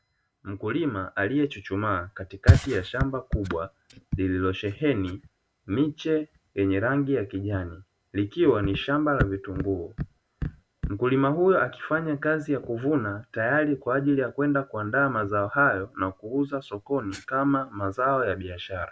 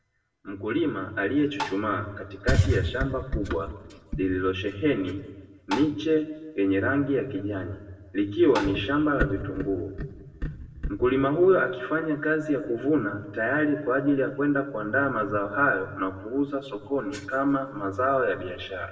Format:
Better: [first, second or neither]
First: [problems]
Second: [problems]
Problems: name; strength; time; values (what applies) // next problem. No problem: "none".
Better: first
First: none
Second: background sound (Tap); 8 dB below the speech // room echo; dies away in 0.9 s